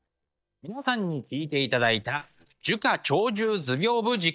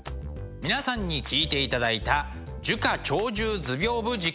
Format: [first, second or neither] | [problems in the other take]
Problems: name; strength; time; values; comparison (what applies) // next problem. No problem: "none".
second | noise reduction (neural mask model DeepFilterNet 3)